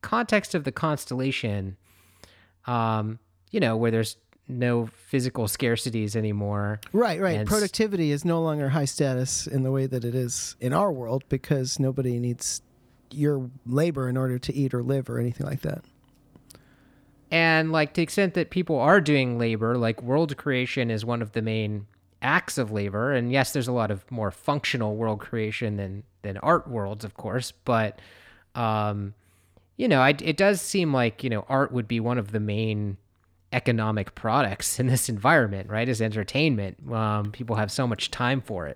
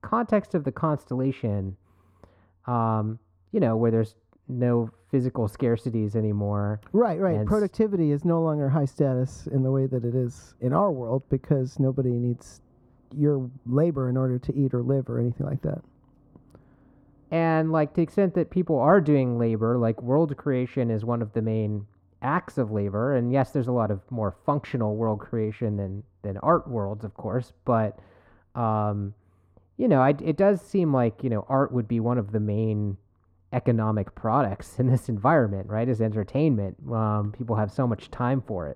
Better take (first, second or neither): first